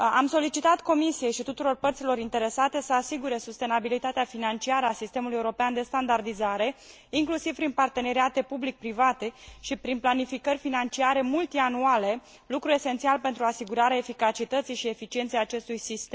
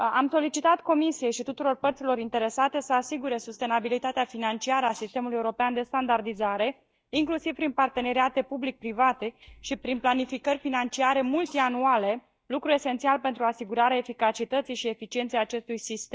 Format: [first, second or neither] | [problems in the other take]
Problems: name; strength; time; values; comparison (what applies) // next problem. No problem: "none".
first | noise reduction (neural mask model DeepFilterNet 3)